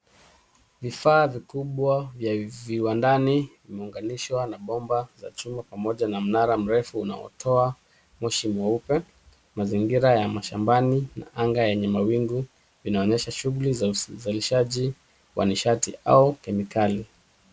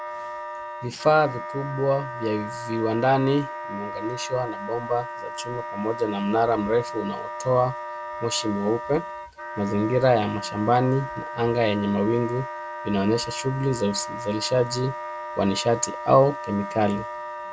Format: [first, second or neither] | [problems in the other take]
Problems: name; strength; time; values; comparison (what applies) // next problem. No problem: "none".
first | background sound (Wind instrument, woodwind instrument); 9 dB below the speech